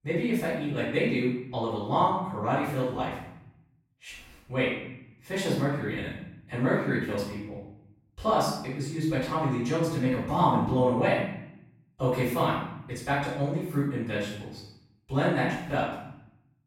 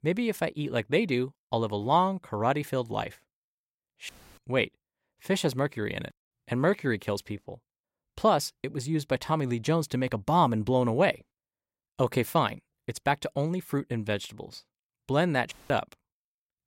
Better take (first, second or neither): second